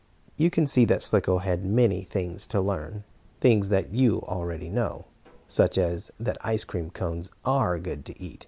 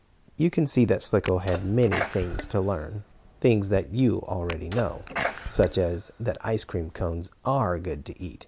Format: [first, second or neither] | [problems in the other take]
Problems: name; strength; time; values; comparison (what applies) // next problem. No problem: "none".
first | background sound (Sneeze); 10 dB below the speech